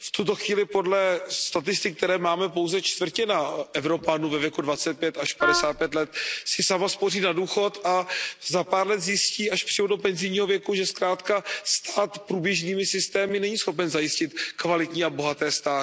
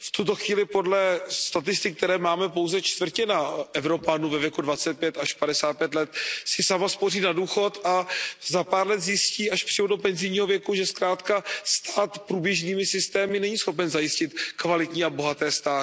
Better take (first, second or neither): second